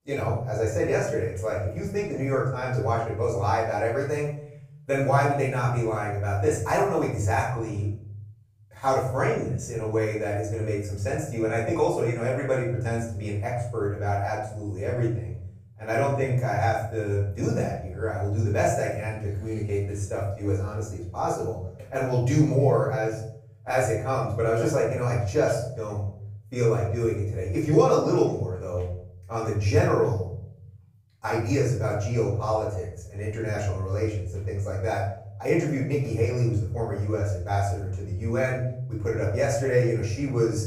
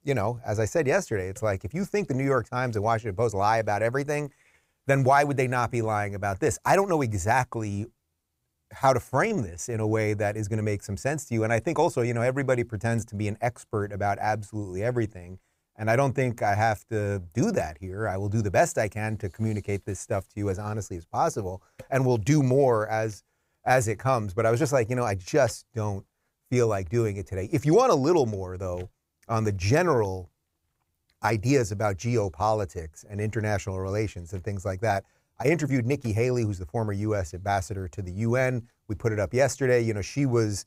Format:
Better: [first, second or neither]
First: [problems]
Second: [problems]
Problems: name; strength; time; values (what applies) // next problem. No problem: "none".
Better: second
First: off-mic speech; far // room echo; noticeable; dies away in 0.7 s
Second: none